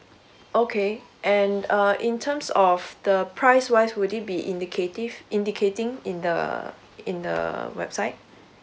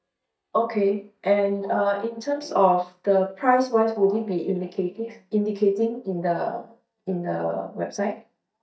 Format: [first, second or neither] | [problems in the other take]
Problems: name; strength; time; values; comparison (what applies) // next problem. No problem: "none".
first | noise reduction (neural mask model DeepFilterNet 3)